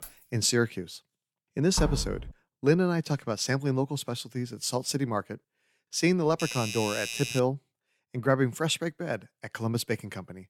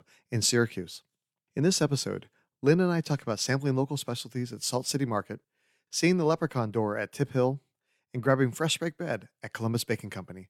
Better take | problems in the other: second | jangling keys; faint; at the start; peak 20 dB below the speech // door banging; noticeable; at 2 s; peak 4 dB below the speech // doorbell; noticeable; from 6.5 to 7.5 s; peak 4 dB below the speech

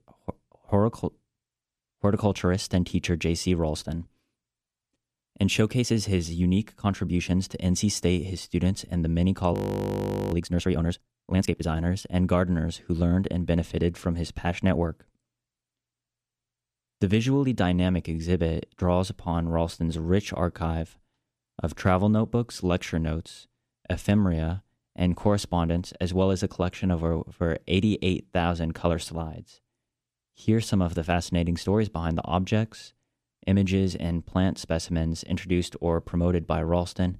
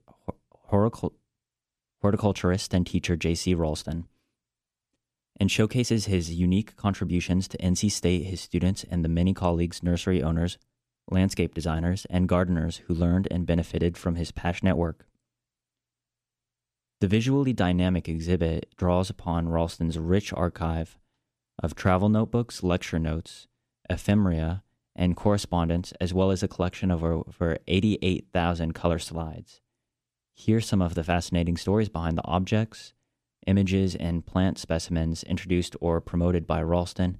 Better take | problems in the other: second | audio freezing; at 9.5 s for 1 s

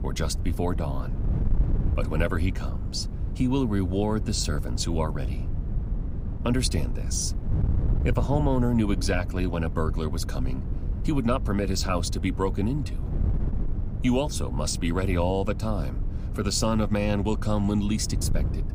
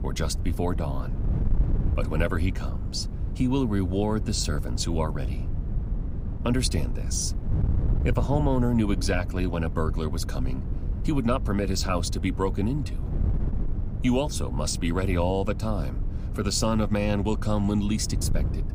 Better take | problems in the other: neither | wind noise on the microphone; occasional gusts; 15 dB below the speech; the same in both

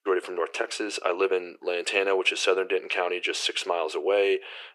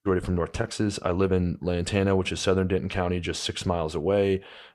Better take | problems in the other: second | thin; very; fading below 350 Hz

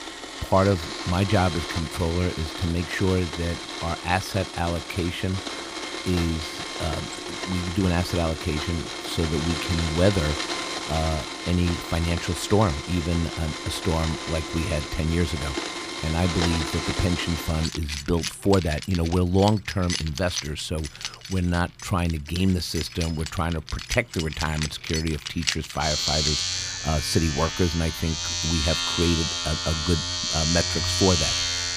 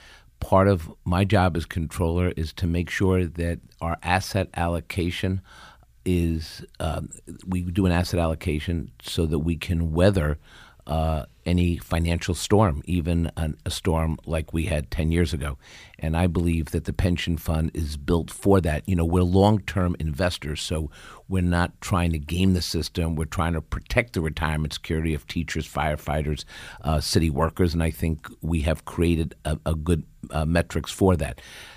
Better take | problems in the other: second | household noises; loud; throughout; 3 dB below the speech

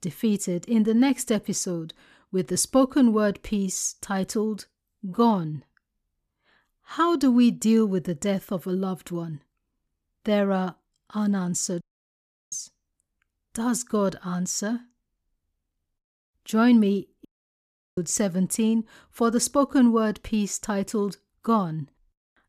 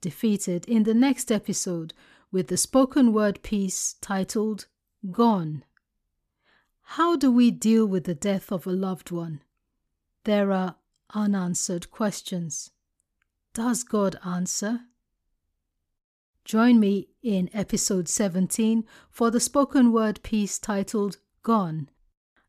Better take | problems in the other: second | audio cutting out; at 12 s for 0.5 s and at 17 s for 0.5 s

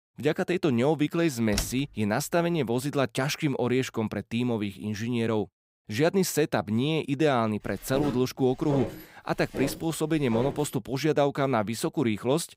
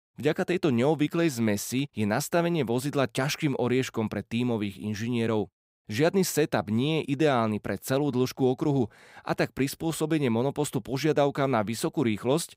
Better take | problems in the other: second | door banging; noticeable; at 1.5 s; peak 6 dB below the speech // footsteps; noticeable; from 7.5 to 11 s; peak 8 dB below the speech

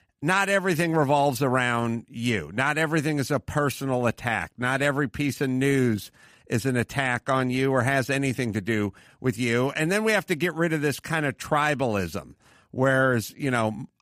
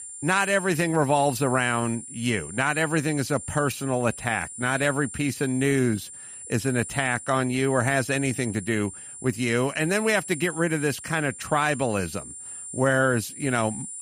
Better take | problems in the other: first | high-pitched whine; noticeable; throughout; 9.5 kHz, 10 dB below the speech

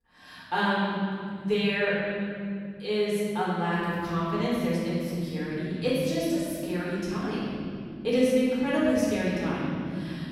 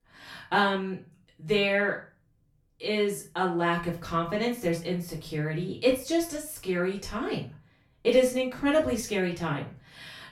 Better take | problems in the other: second | room echo; strong; dies away in 3 s; slight in the second // off-mic speech; far; far in the second

